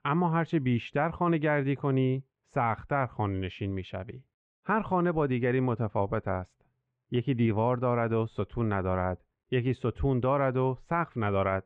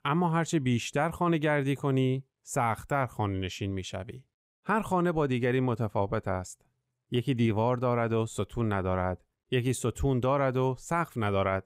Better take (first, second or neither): second